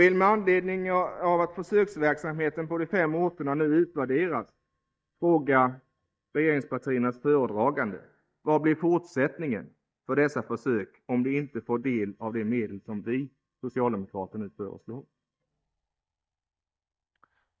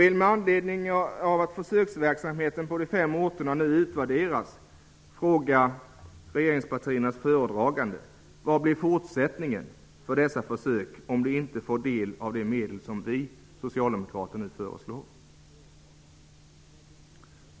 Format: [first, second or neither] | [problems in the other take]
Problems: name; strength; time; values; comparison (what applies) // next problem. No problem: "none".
second | noise reduction (neural mask model DeepFilterNet 3)